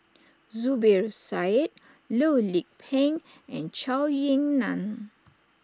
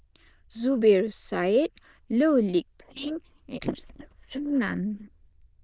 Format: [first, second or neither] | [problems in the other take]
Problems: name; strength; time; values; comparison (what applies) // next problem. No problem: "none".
first | noise reduction (neural diffusion model UNIVERSE++)